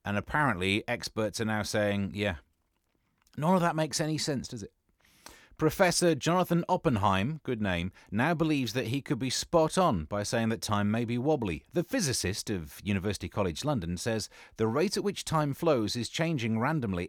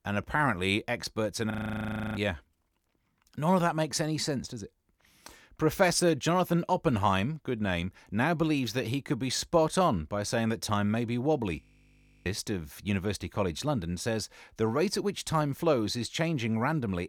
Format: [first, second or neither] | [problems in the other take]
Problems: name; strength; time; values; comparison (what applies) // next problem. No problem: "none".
first | audio freezing; at 1.5 s for 0.5 s and at 12 s for 0.5 s